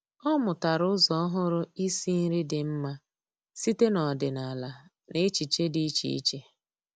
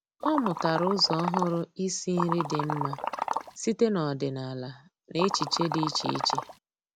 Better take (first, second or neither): first